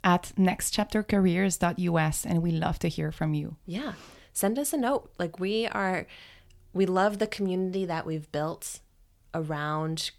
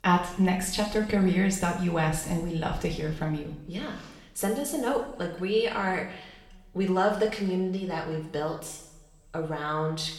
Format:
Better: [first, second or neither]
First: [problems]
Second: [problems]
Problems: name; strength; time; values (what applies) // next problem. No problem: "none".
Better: first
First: none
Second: room echo; noticeable; dies away in 0.9 s // off-mic speech; somewhat distant